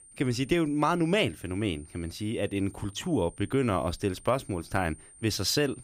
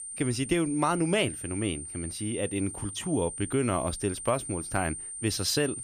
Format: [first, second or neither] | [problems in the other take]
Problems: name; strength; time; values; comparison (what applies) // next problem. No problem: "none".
first | high-pitched whine; loud; throughout; 9 kHz, 7 dB below the speech; faint in the first